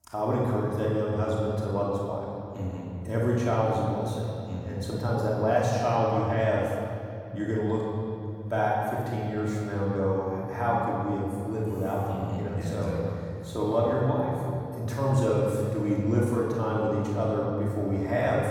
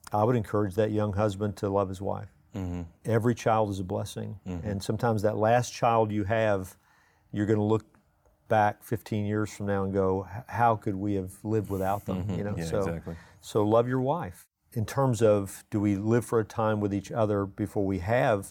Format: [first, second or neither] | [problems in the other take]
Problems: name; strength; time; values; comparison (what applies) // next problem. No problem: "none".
second | off-mic speech; far // room echo; strong; dies away in 2.8 s